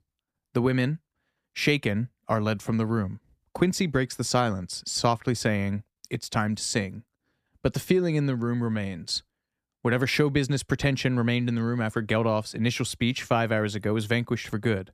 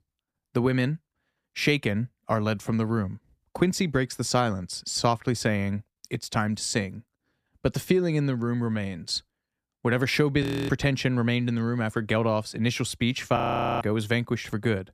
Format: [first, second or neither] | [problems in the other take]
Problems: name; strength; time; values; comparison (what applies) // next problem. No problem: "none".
first | audio freezing; at 10 s and at 13 s